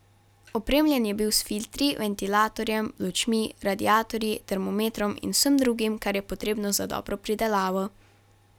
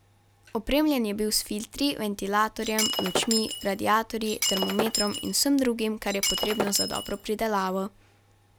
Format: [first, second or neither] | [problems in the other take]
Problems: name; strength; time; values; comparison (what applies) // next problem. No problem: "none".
first | background sound (Shatter); 3 dB below the speech